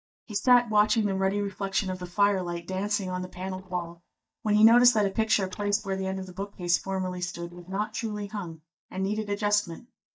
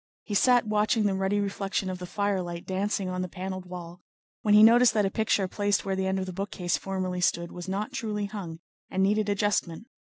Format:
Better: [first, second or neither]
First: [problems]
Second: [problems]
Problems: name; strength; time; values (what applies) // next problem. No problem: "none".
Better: second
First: noise reduction (neural mask model DeepFilterNet 3)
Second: none